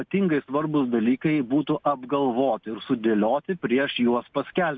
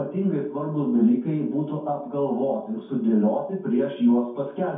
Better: first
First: none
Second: room echo; dies away in 0.6 s

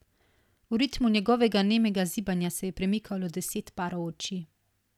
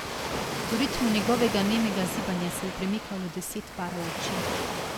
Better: first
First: none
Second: background sound (Waves, surf); 2 dB below the speech

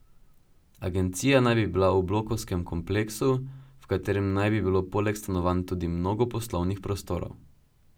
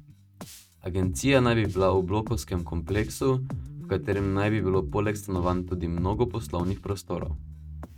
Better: first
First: none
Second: noise reduction (neural mask model RNNoise)

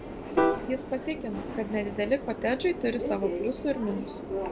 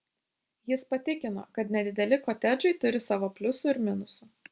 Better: second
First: background sound (Subway, metro, underground + Piano); 1 dB below the speech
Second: none

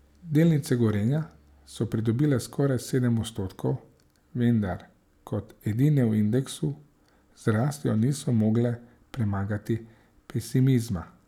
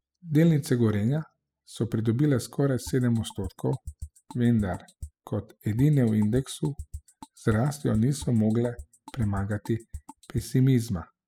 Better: first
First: none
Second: noise reduction (classical method spectral subtraction)

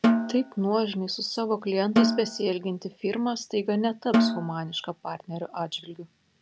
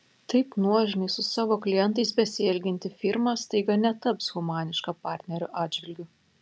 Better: second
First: background sound (Snare drum); as loud as the speech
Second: none

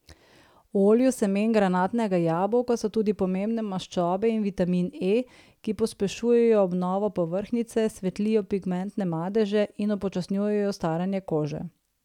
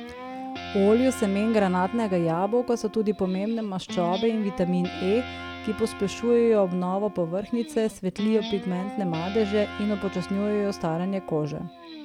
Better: first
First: none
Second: background sound (Guitar); 12 dB below the speech

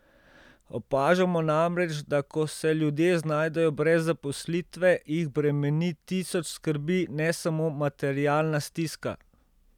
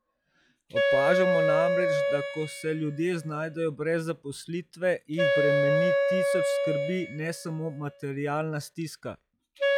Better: first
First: none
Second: noise reduction (classical method log-MMSE)

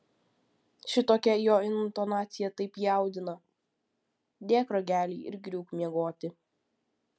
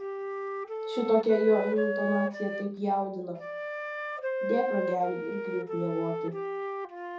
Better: first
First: none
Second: background sound (Wind instrument, woodwind instrument); 3 dB below the speech // room echo; dies away in 0.5 s

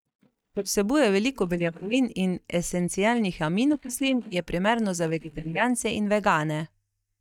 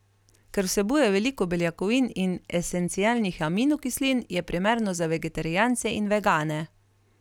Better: second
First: noise reduction (neural mask model DeepFilterNet 3)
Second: none

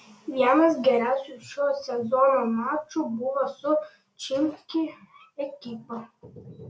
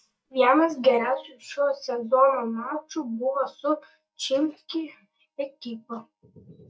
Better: first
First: none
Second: noise reduction (neural mask model DeepFilterNet 3)

